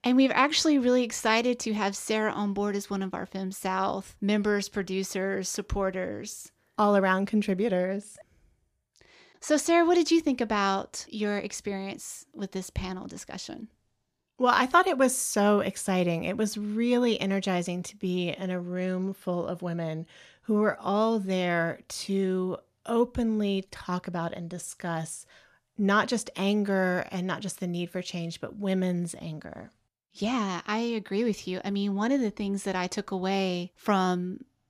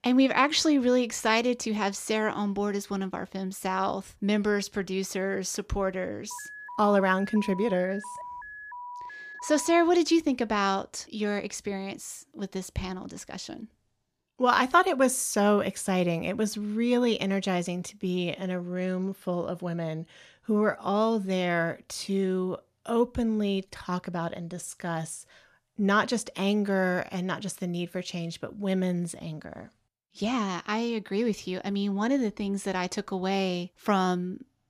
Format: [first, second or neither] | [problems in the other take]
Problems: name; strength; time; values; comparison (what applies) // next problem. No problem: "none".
first | alarm; faint; from 6.5 to 10 s; peak 10 dB below the speech